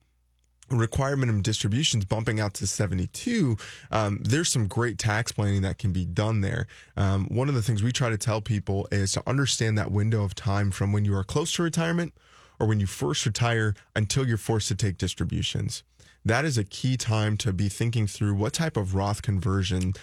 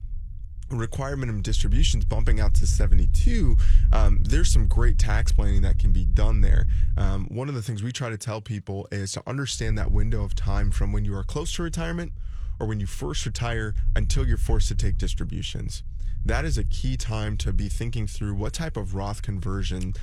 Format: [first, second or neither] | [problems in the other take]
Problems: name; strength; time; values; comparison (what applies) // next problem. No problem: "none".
first | low rumble; noticeable; until 7 s and from 9.5 s on; 15 dB below the speech